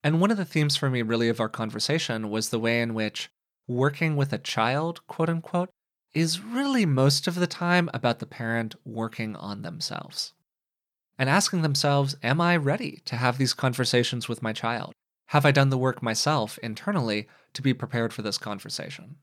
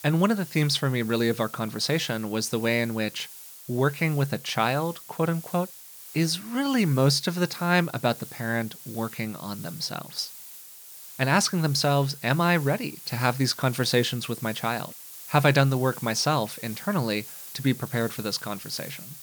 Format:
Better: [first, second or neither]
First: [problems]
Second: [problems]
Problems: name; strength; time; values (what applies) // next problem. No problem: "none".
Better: first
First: none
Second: hiss; noticeable; throughout; 15 dB below the speech